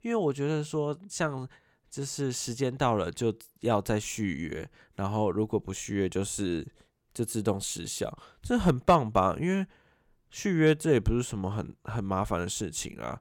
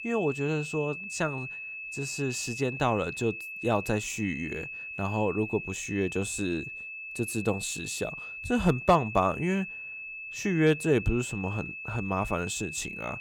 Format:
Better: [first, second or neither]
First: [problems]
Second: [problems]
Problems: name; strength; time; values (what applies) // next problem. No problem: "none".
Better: first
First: none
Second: high-pitched whine; loud; throughout; 2.5 kHz, 7 dB below the speech